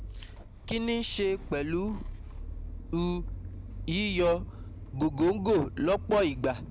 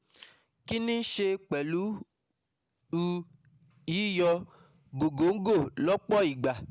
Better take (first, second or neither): second